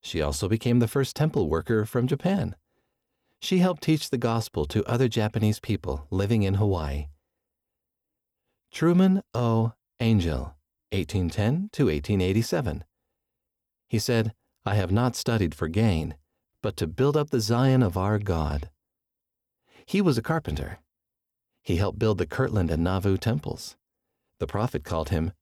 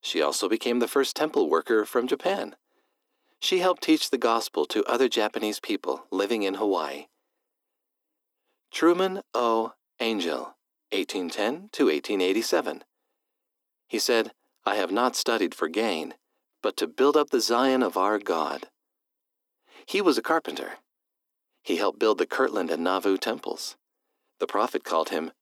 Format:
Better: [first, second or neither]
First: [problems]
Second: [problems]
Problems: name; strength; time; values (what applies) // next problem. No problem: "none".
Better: first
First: none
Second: thin; somewhat; fading below 300 Hz